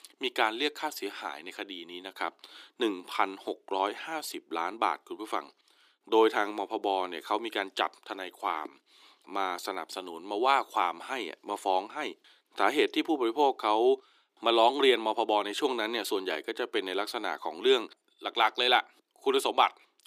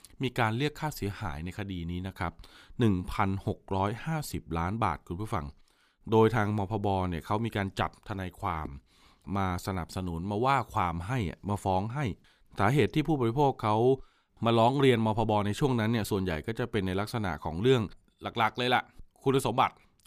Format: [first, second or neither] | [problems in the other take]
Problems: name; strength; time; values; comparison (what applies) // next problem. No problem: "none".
second | thin; very; fading below 300 Hz